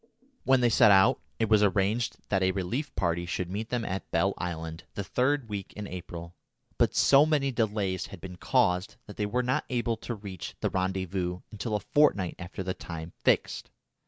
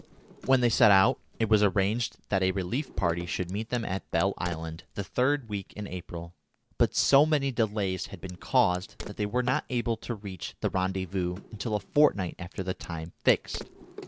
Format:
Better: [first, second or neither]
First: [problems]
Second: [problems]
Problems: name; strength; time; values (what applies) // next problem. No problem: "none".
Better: first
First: none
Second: background sound (Crack + Drawer open or close); 19 dB below the speech